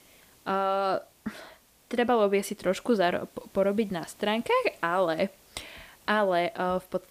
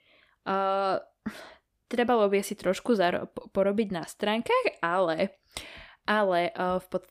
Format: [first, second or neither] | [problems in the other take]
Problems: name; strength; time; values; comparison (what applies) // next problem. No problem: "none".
second | hiss; faint; throughout; 30 dB below the speech